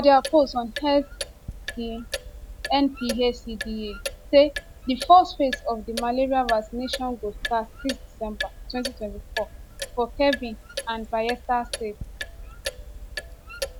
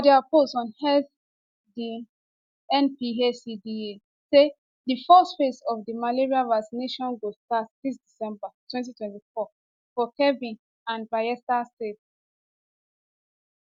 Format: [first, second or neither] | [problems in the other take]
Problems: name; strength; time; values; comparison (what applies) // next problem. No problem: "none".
second | background sound (Clock); 11 dB below the speech